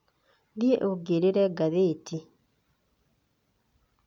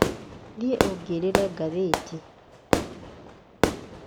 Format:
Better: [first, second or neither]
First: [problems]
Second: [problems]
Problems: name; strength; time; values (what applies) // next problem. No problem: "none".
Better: first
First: none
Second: background sound (Fireworks); 3 dB above the speech